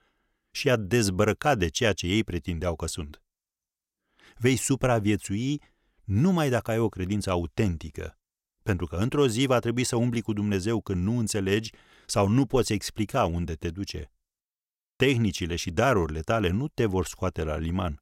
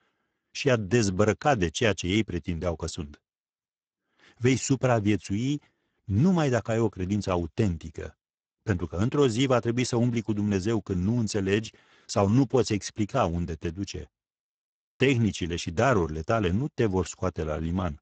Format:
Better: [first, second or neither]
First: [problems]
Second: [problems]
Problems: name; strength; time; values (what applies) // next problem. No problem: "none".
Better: first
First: none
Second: garbled, watery; badly; nothing above 7.5 kHz